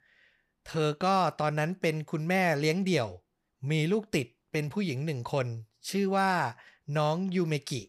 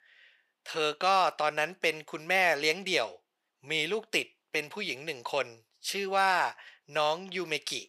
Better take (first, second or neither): first